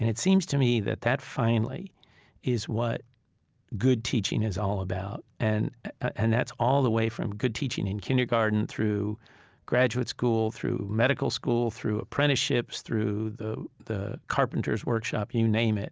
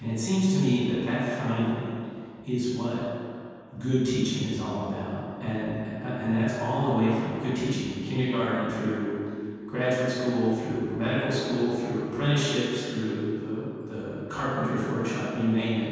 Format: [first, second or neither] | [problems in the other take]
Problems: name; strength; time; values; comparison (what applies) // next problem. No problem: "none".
first | room echo; dies away in 2.1 s